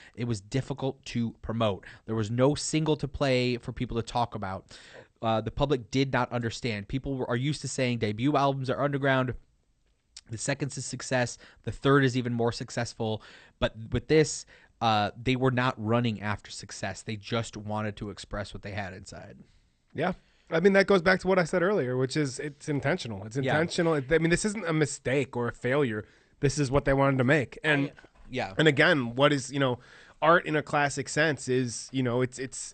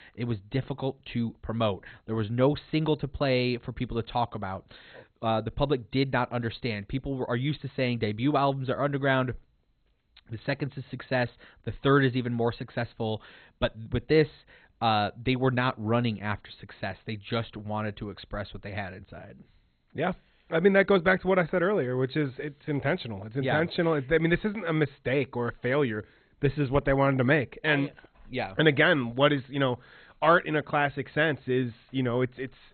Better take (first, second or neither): first